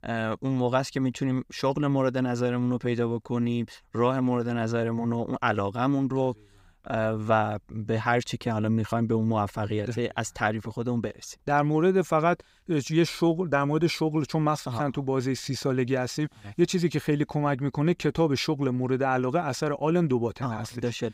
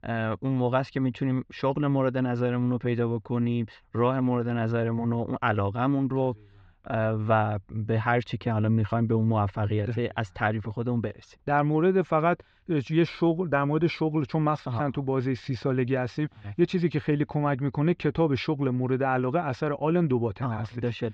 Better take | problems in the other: first | muffled; slightly; fading above 3.5 kHz

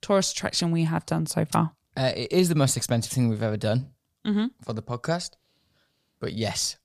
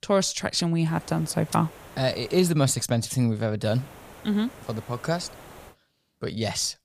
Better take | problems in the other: first | hiss; noticeable; from 1 to 2.5 s and from 3.5 to 5.5 s; 20 dB below the speech

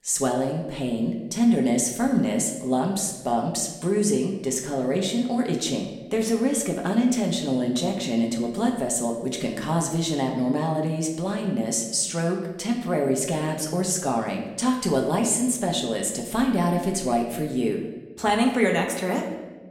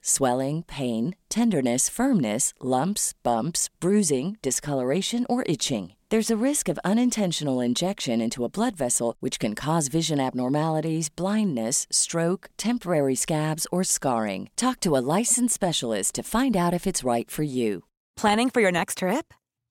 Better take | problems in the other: second | room echo; slight; dies away in 0.9 s // off-mic speech; somewhat distant

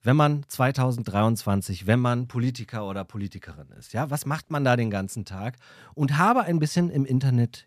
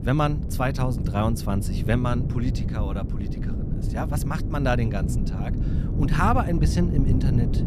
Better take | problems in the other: first | wind noise on the microphone; heavy; 9 dB below the speech

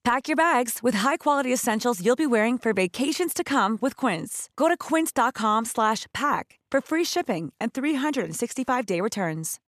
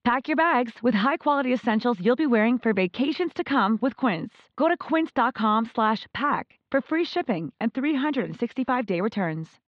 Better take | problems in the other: first | muffled; slightly; fading above 4 kHz

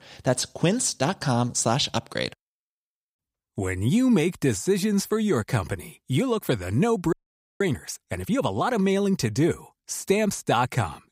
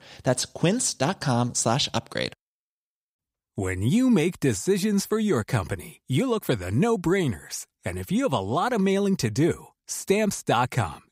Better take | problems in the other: second | audio freezing; at 7 s

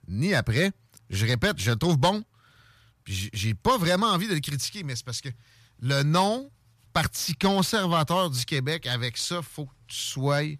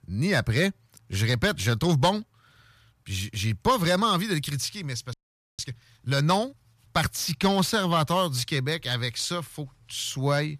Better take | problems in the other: first | audio freezing; at 5 s

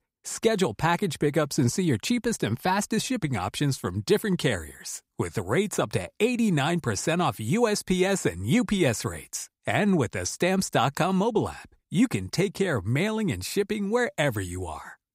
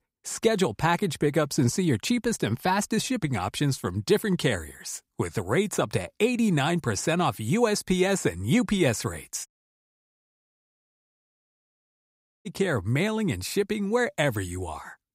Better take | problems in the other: first | audio cutting out; at 9.5 s for 3 s

